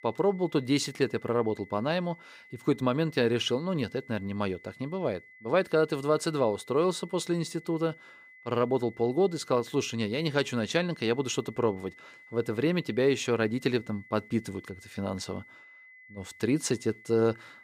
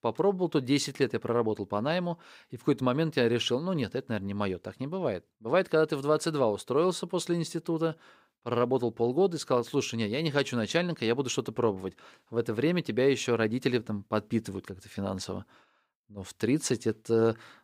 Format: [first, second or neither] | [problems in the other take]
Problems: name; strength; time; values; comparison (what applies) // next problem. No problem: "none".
second | high-pitched whine; faint; throughout; 2 kHz, 20 dB below the speech